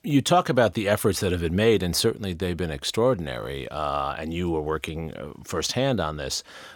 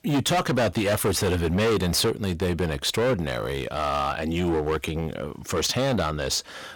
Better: first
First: none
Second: distortion; heavy; 16% of the sound clipped

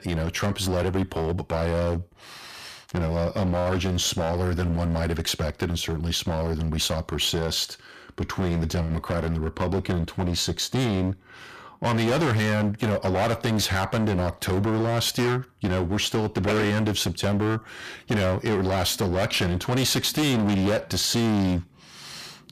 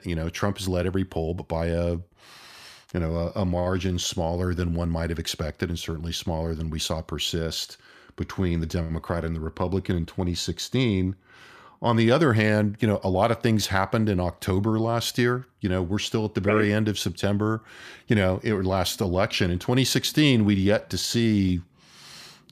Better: second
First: distortion; heavy; 20% of the sound clipped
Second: none

